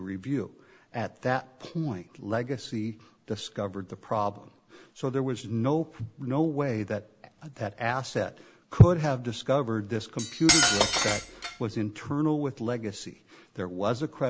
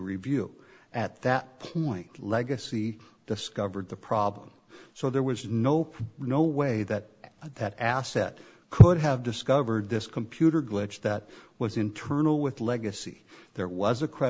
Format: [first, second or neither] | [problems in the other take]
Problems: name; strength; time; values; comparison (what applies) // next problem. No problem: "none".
second | background sound (Cutlery, silverware); 2 dB above the speech